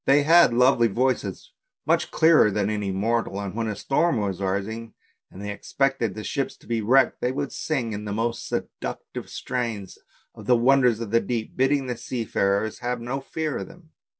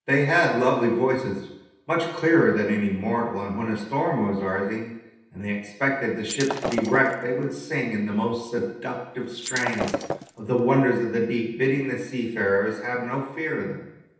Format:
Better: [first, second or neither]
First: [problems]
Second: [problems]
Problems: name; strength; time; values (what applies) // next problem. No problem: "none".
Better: first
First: none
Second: background sound (Shatter); 7 dB below the speech // room echo; dies away in 0.9 s